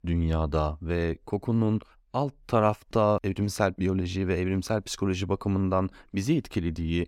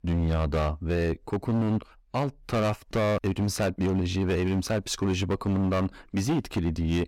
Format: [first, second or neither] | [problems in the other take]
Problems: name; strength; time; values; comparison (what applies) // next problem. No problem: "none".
first | distortion; heavy; 17% of the sound clipped